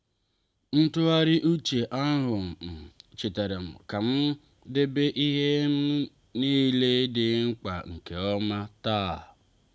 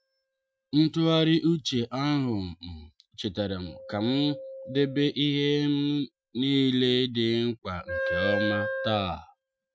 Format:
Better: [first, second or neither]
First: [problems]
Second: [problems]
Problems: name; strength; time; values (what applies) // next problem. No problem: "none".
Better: first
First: none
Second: noise reduction (classical method Wiener filter)